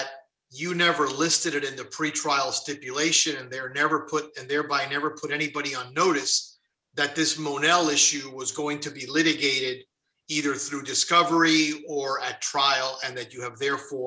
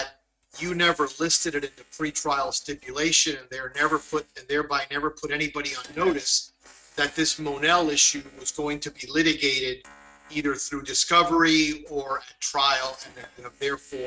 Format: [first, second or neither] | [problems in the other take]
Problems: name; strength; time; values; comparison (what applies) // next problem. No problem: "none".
first | noise reduction (neural mask model RNNoise)